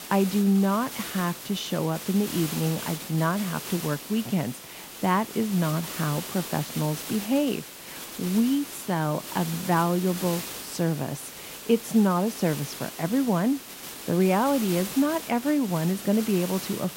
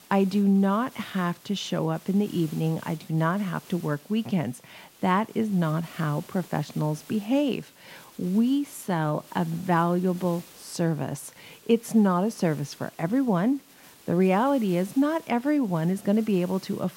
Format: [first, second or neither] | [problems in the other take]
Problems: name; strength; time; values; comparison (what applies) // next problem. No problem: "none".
second | hiss; loud; throughout; 10 dB below the speech; faint in the second